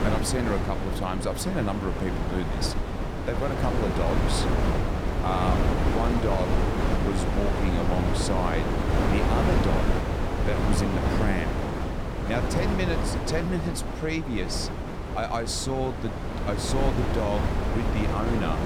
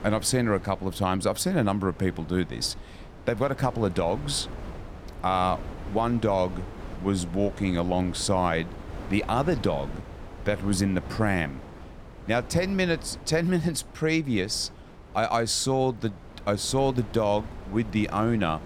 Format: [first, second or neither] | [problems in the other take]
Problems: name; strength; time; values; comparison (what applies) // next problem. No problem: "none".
second | wind noise on the microphone; heavy; 1 dB above the speech; occasional gusts in the second